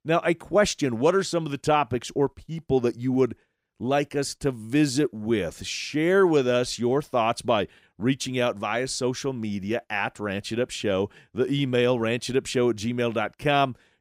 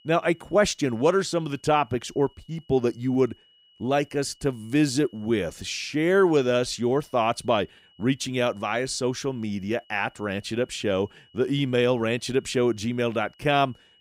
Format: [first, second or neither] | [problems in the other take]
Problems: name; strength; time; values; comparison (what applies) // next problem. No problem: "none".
first | high-pitched whine; faint; throughout; 3 kHz, 30 dB below the speech